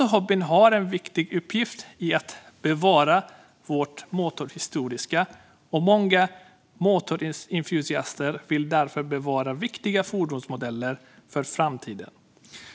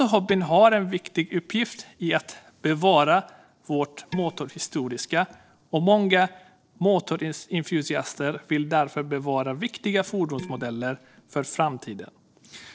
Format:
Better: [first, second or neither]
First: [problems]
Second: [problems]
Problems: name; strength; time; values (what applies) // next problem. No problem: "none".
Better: first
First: none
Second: noise reduction (neural separator model SepFormer DNS4)